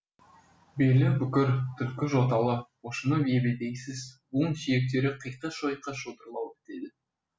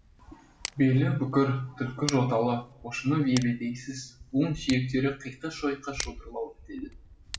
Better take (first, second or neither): first